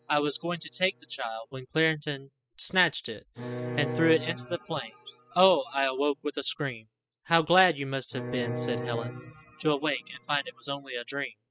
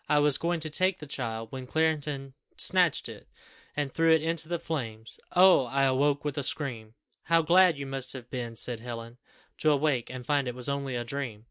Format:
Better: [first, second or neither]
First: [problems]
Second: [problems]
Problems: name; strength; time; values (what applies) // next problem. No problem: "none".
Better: second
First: noise reduction (classical method spectral subtraction)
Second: none